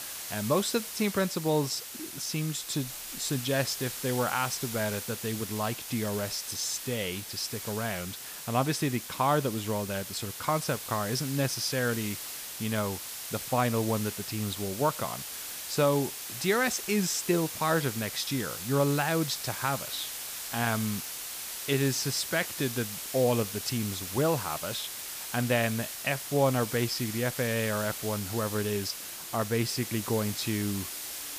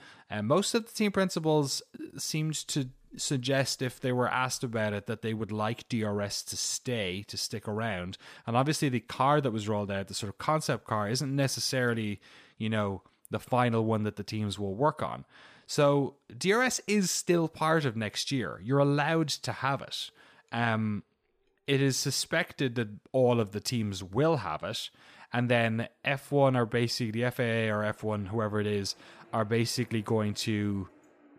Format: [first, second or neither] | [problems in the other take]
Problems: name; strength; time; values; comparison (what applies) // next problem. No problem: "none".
second | hiss; loud; throughout; 6 dB below the speech